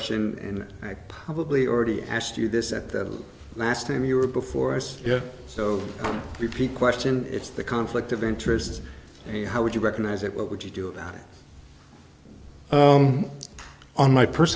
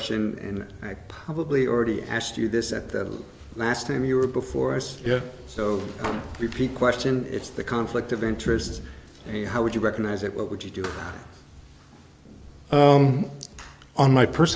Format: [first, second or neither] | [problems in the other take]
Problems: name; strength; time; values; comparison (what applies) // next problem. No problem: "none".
first | background sound (Thump, thud); 17 dB below the speech